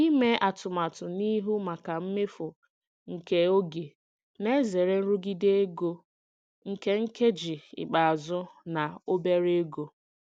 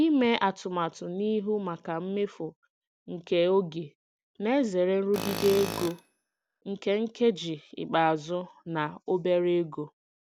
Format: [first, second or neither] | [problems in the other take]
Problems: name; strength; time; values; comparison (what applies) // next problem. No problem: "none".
first | background sound (Tools); 8 dB below the speech